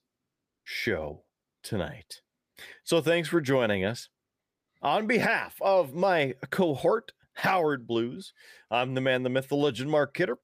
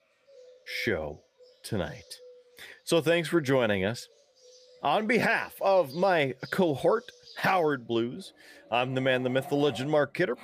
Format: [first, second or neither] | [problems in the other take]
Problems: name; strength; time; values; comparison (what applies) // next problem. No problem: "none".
first | animal sounds; faint; throughout; 25 dB below the speech